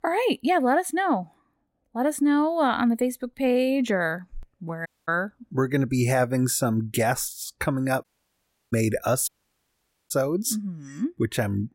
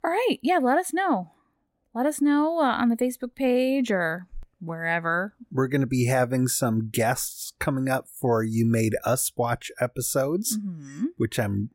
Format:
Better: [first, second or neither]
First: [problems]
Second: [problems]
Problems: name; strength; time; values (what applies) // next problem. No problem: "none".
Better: second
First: audio cutting out; at 5 s, at 8 s for 0.5 s and at 9.5 s for 1 s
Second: none